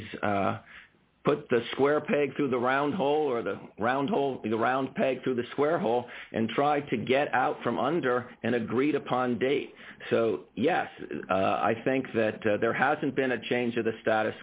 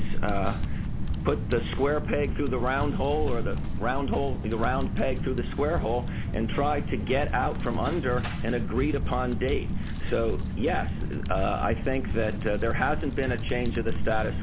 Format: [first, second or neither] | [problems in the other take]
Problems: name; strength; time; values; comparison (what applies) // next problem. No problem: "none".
first | background sound (Typing); 1 dB above the speech